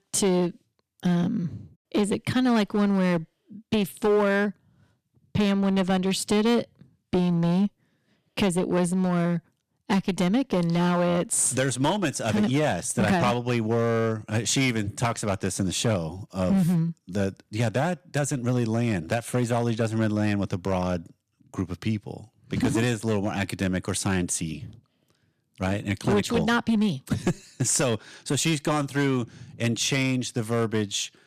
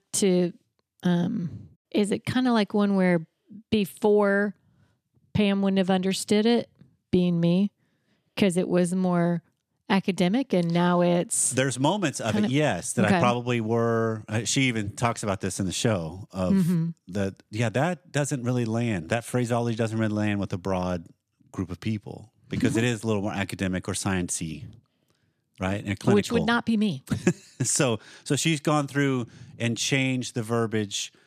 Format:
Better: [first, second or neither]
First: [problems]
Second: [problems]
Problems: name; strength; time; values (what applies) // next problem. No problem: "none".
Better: second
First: distortion; slight; 6% of the sound clipped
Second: none